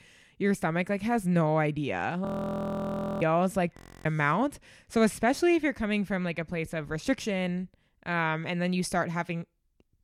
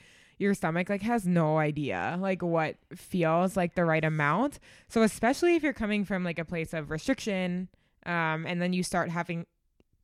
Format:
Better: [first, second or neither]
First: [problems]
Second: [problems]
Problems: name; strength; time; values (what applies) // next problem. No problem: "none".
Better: second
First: audio freezing; at 2.5 s for 1 s and at 4 s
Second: none